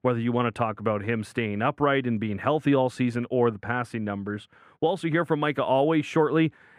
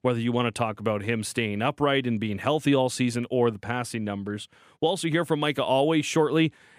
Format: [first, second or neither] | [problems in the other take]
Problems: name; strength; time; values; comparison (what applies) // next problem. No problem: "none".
second | muffled; slightly; fading above 3 kHz